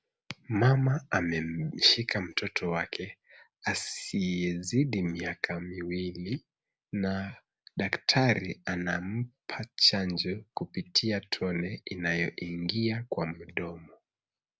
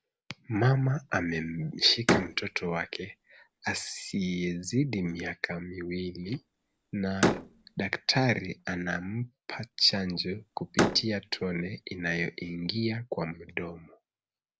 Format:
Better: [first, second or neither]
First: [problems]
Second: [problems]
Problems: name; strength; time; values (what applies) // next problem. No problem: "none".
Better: first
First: none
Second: background sound (Slam); 4 dB below the speech